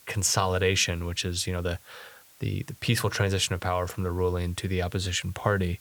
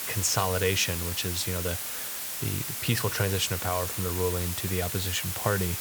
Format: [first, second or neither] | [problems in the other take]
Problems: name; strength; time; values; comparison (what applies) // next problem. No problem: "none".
first | hiss; loud; throughout; 2 dB below the speech; faint in the first